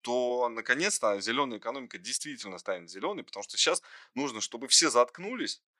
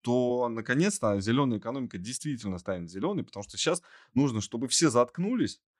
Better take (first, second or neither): second